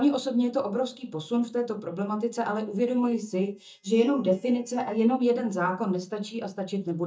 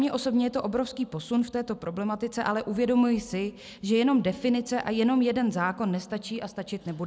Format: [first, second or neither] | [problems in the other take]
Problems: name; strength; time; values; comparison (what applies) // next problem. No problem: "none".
second | noise reduction (neural mask model DeepFilterNet 3)